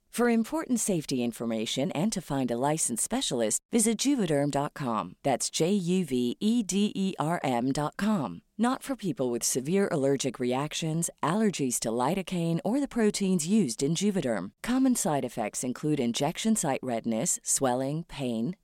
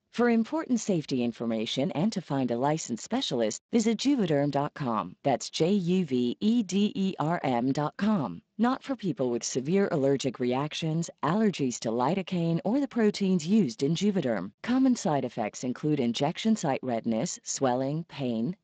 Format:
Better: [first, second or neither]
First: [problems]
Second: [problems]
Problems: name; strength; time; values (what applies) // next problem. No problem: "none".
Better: first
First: none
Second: garbled, watery; slightly; nothing above 7.5 kHz